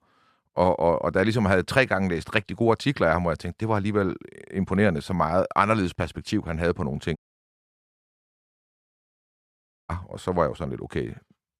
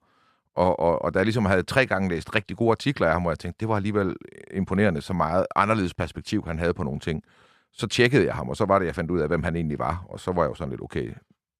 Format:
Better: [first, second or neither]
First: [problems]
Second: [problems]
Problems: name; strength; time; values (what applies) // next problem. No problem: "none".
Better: second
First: audio cutting out; at 7 s for 2.5 s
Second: none